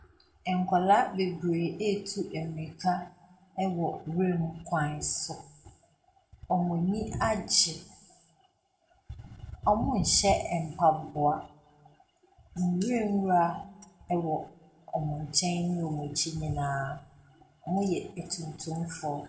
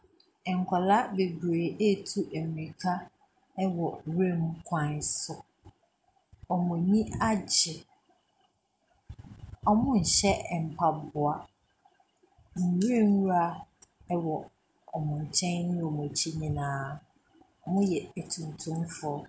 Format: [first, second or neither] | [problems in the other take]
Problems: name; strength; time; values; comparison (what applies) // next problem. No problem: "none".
second | room echo; dies away in 0.5 s